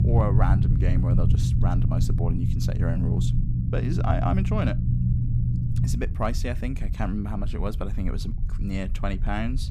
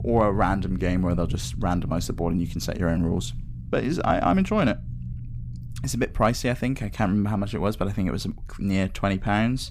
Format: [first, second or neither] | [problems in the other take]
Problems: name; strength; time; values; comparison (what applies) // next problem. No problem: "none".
second | low rumble; loud; throughout; 5 dB below the speech; faint in the second